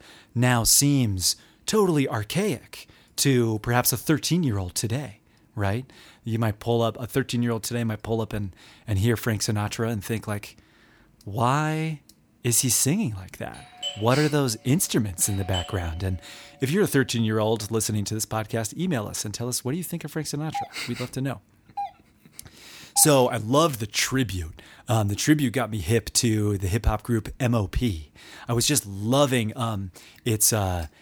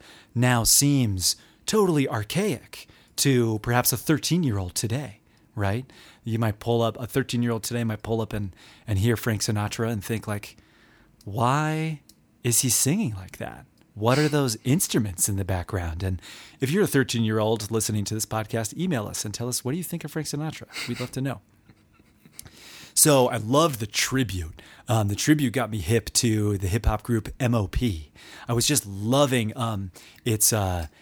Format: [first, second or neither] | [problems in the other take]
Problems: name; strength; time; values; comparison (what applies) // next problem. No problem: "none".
second | doorbell; noticeable; from 14 to 16 s; peak 8 dB below the speech // doorbell; faint; from 21 to 23 s; peak 10 dB below the speech